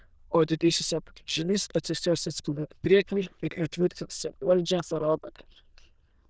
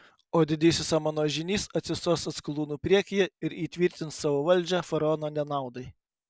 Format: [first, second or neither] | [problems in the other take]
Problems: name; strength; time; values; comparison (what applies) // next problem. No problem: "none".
second | noise reduction (neural diffusion model UNIVERSE++)